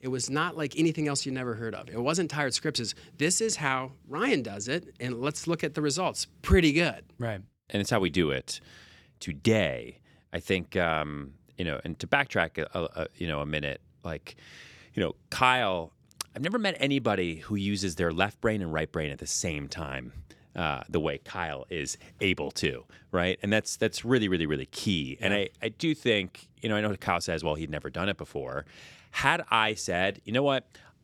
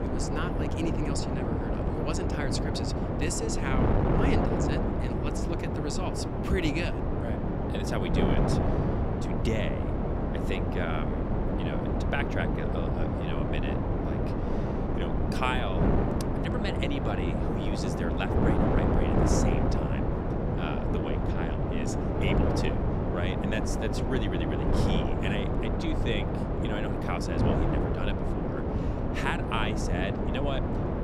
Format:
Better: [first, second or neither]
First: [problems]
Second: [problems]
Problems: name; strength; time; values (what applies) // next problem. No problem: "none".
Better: first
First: none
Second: wind noise on the microphone; heavy; 3 dB above the speech